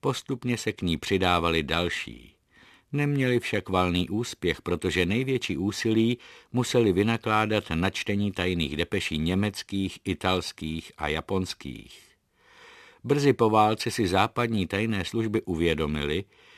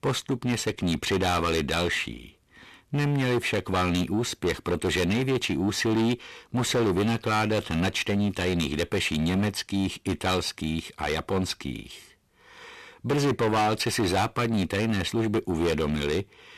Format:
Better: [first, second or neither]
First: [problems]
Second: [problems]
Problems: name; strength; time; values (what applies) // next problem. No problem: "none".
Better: first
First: none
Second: distortion; heavy; 6 dB below the speech